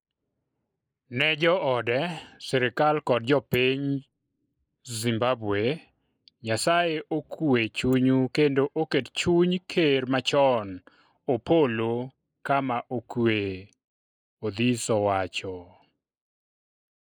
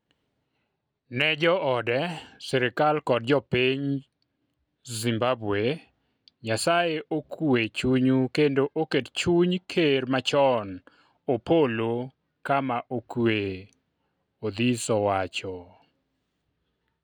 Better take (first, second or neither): second